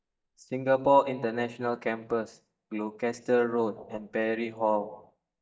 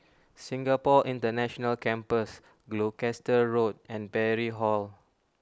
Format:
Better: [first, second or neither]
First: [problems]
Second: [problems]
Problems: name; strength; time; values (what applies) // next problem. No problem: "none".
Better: second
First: noise reduction (neural mask model DeepFilterNet 3)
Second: none